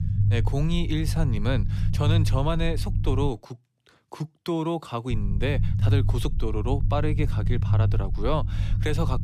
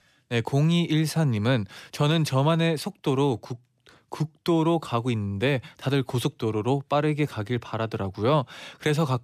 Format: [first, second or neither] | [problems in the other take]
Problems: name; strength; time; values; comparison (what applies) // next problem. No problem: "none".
second | low rumble; loud; until 3.5 s and from 5 s on; 9 dB below the speech